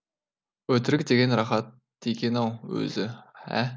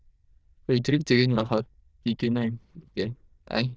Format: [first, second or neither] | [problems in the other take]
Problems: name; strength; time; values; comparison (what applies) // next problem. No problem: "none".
first | noise reduction (neural diffusion model UNIVERSE++)